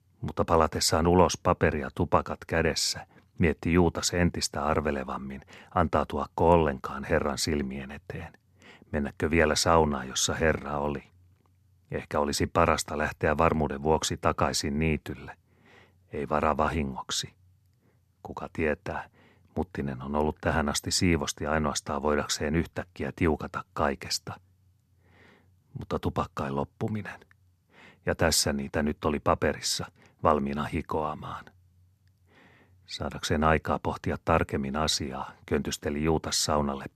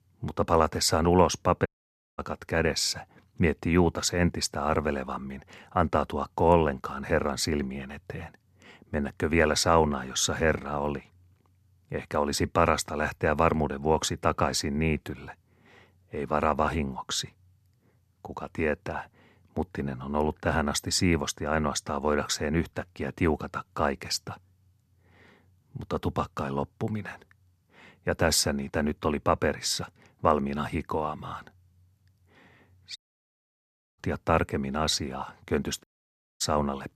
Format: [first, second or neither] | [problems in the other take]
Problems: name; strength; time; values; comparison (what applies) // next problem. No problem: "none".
first | audio cutting out; at 1.5 s for 0.5 s, at 33 s for 1 s and at 36 s for 0.5 s